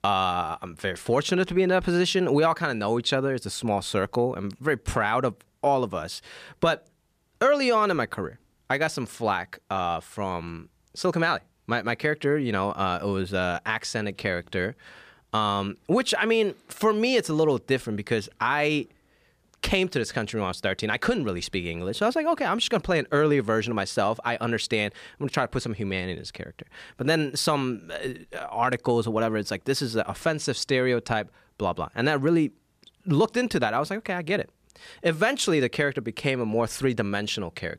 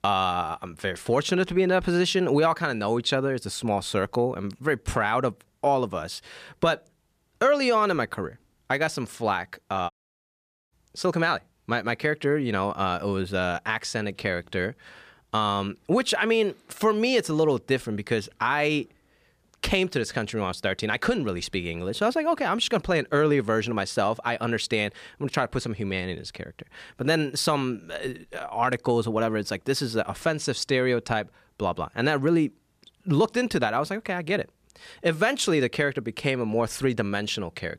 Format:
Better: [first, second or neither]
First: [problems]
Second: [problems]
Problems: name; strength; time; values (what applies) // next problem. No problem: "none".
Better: first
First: none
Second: audio cutting out; at 10 s for 1 s